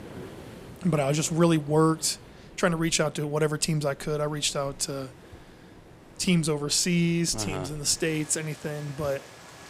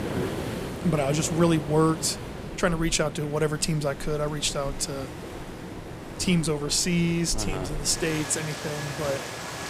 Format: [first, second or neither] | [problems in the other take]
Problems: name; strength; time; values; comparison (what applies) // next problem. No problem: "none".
first | rain or running water; loud; throughout; 9 dB below the speech; faint in the first